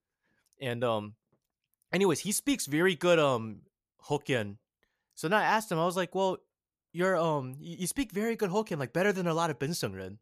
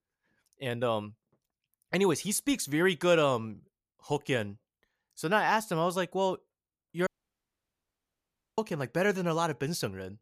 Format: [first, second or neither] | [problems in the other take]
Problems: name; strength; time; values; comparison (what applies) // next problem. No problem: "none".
first | audio cutting out; at 7 s for 1.5 s